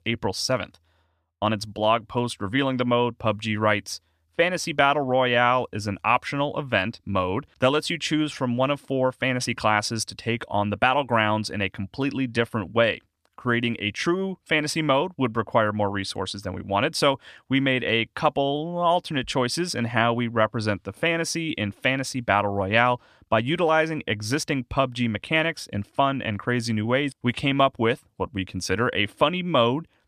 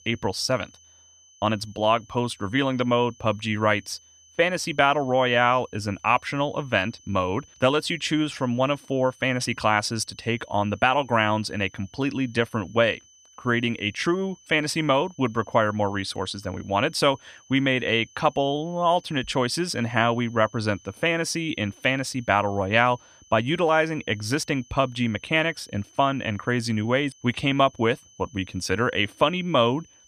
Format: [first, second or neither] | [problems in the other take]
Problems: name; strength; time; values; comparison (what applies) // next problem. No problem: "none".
first | high-pitched whine; faint; throughout; 6 kHz, 30 dB below the speech